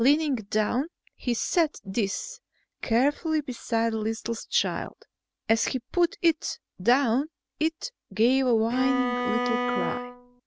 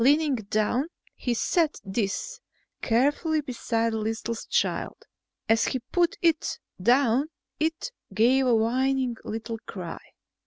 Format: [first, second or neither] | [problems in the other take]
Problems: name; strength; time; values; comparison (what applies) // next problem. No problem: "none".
second | background sound (Bowed string instrument); 2 dB below the speech